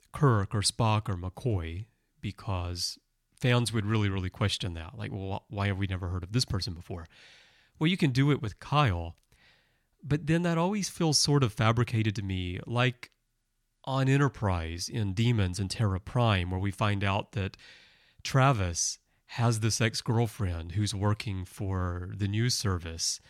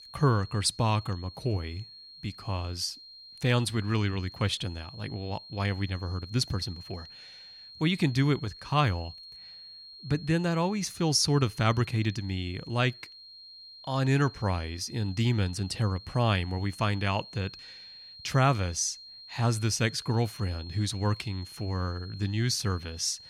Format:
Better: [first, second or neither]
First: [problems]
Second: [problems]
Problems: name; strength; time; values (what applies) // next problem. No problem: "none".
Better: first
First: none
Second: high-pitched whine; noticeable; throughout; 4 kHz, 15 dB below the speech